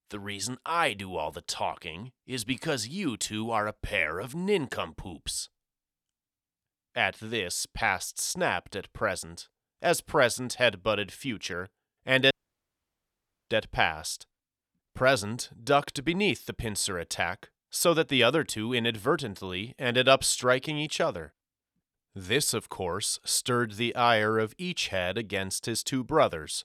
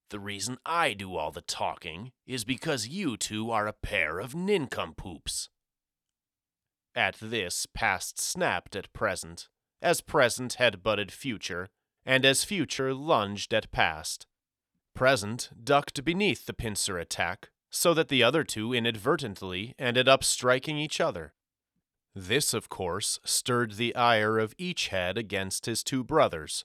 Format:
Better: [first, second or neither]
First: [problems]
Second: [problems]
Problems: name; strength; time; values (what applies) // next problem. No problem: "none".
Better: second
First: audio cutting out; at 12 s for 1 s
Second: none